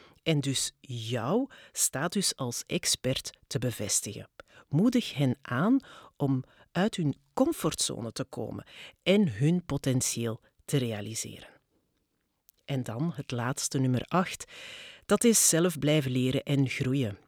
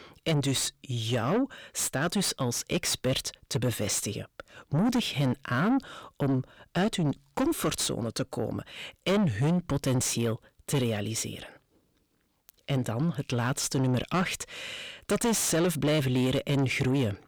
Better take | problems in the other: first | distortion; heavy; 6 dB below the speech

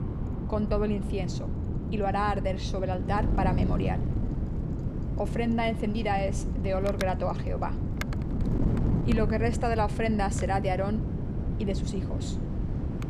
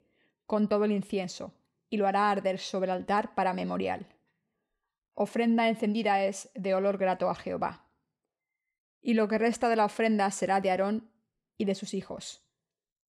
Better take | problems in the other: second | wind noise on the microphone; heavy; 9 dB below the speech

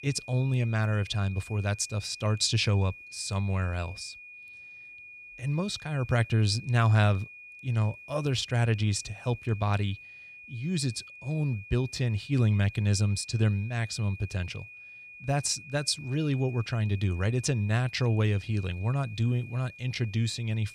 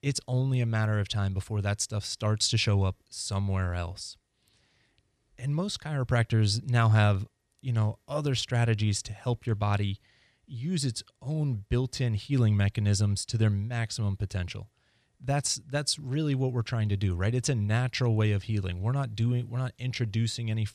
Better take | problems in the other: second | high-pitched whine; noticeable; throughout; 2.5 kHz, 15 dB below the speech

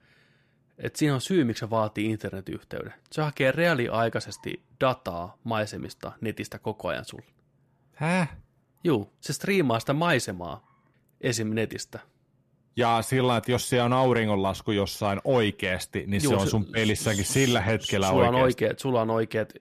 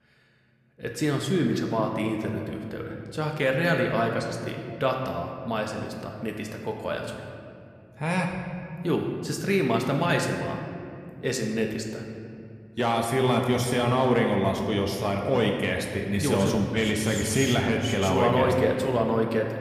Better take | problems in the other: first | room echo; slight; dies away in 2.1 s

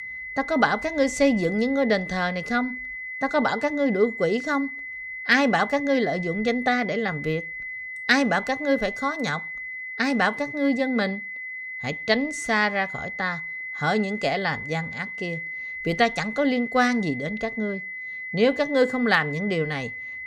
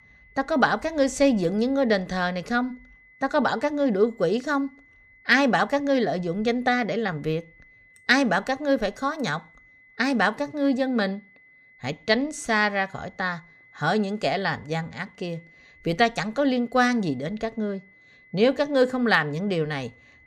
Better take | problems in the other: second | high-pitched whine; loud; throughout; 2 kHz, 8 dB below the speech; faint in the second

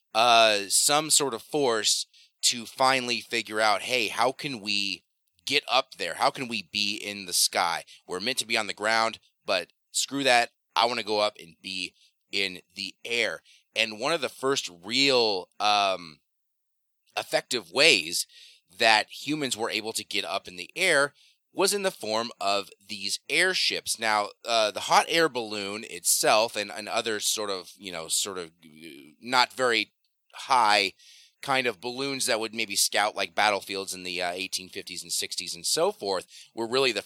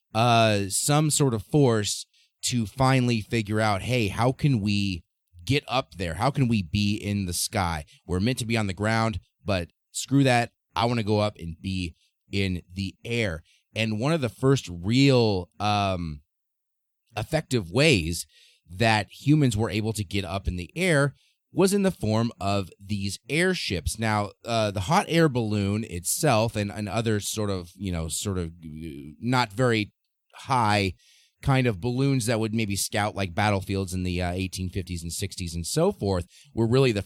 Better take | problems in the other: second | thin; very; fading below 550 Hz

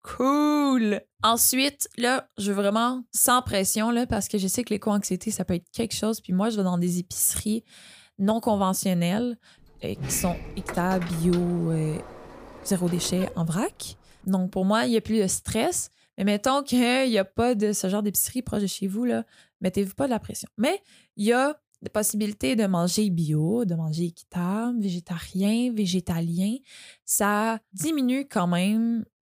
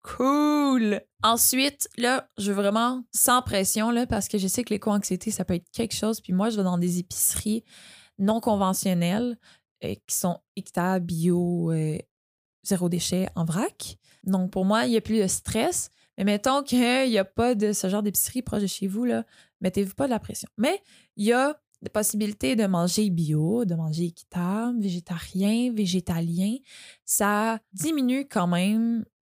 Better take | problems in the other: second | door banging; noticeable; from 10 to 14 s; peak 9 dB below the speech

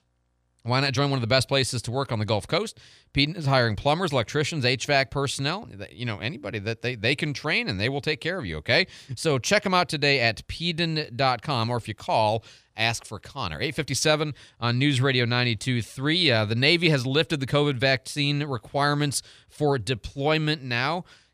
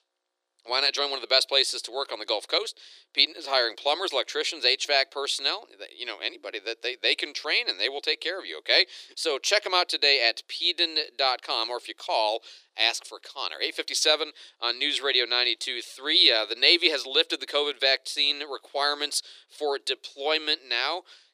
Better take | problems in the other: first | thin; very; fading below 350 Hz

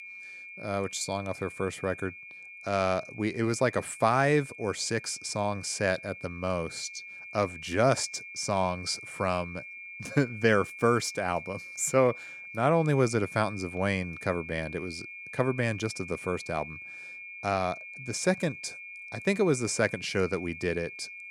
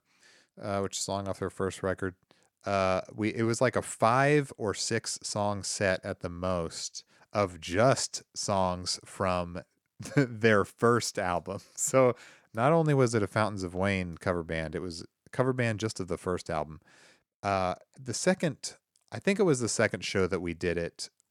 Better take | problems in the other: second | high-pitched whine; noticeable; throughout; 2.5 kHz, 10 dB below the speech

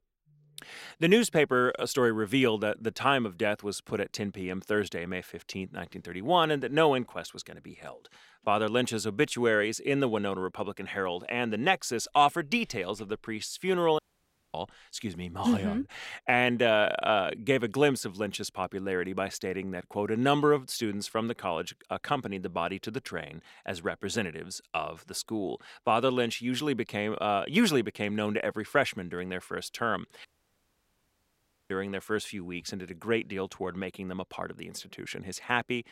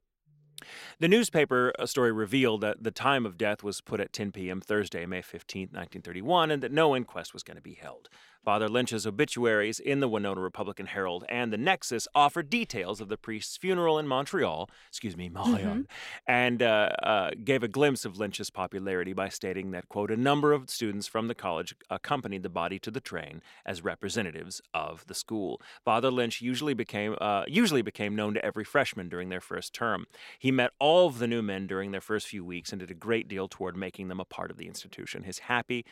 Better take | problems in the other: second | audio cutting out; at 14 s for 0.5 s and at 30 s for 1.5 s

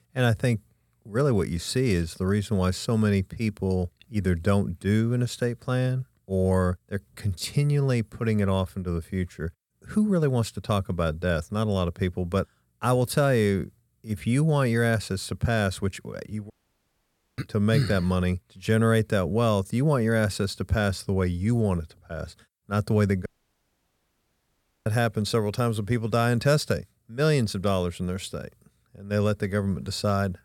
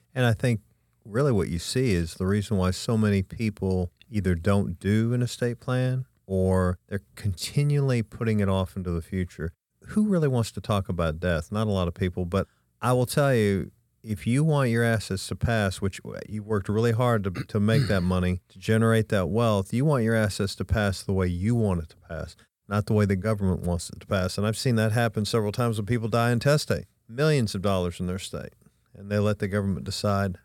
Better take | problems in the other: second | audio cutting out; at 17 s for 1 s and at 23 s for 1.5 s

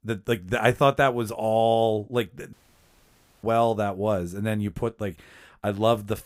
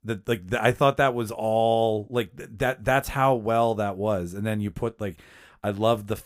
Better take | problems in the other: second | audio cutting out; at 2.5 s for 1 s

